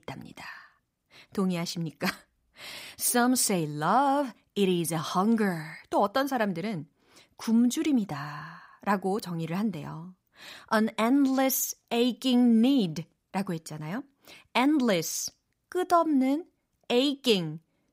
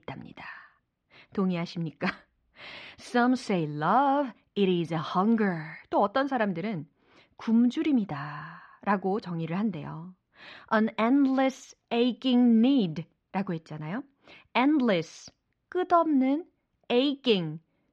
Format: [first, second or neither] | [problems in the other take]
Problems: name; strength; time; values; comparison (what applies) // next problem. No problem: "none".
first | muffled; slightly; fading above 3.5 kHz